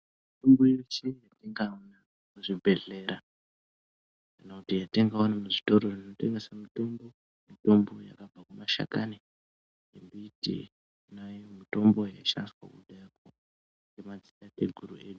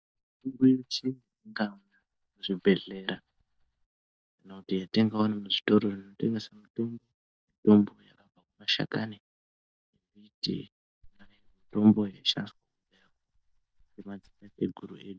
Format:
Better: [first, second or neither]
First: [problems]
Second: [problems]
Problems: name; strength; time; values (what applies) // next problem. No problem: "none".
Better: first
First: none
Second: noise reduction (neural mask model DeepFilterNet 3)